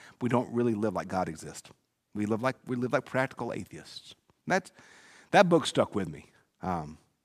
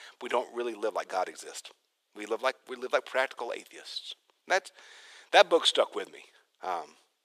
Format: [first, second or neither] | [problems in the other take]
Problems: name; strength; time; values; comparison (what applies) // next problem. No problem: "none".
first | thin; very; fading below 450 Hz